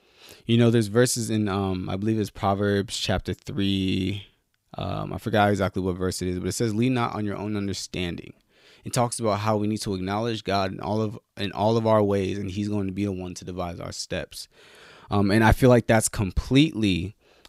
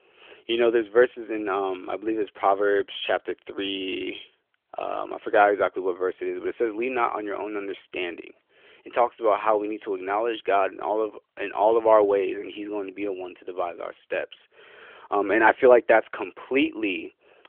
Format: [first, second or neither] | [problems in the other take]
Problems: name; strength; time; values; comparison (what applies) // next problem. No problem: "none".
first | phone-call audio; nothing above 3.5 kHz